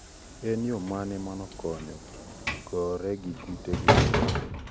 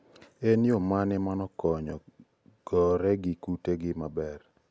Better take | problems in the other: second | background sound (Sliding door / Train); 4 dB above the speech

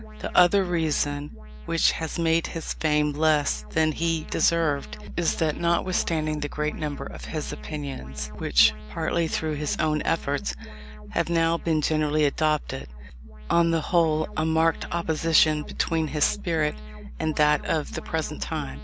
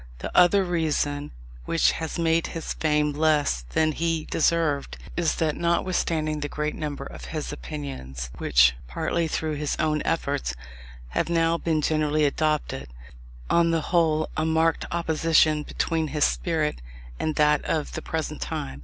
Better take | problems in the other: second | background sound (Alarm); 20 dB below the speech

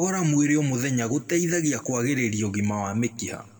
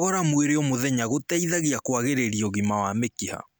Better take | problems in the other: second | room echo; dies away in 1 s

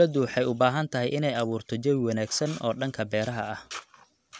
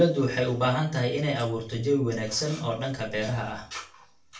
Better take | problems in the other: first | room echo; dies away in 0.3 s

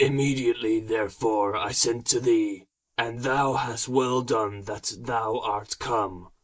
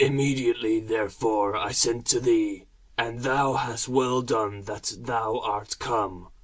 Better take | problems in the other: second | noise reduction (neural mask model Resemble Enhance denoiser)

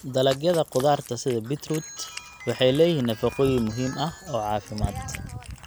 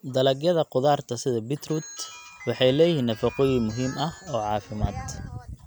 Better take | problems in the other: second | background sound (Cat); 19 dB below the speech

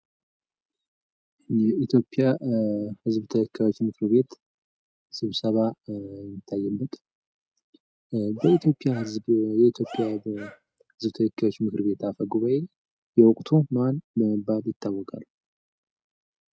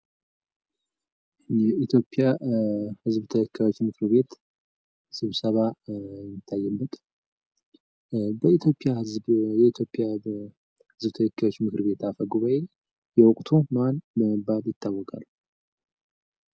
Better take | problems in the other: second | noise reduction (neural mask model RNNoise)

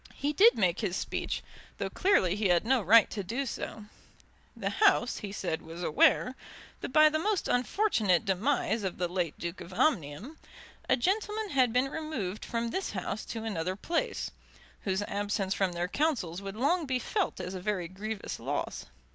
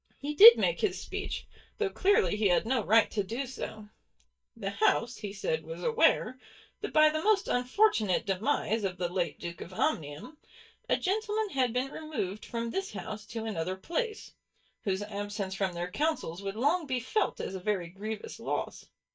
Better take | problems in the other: first | noise reduction (neural mask model DeepFilterNet 3)

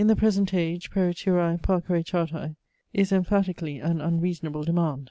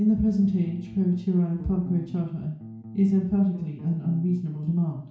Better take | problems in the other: first | background sound (Bass guitar); 16 dB below the speech // room echo; dies away in 0.6 s

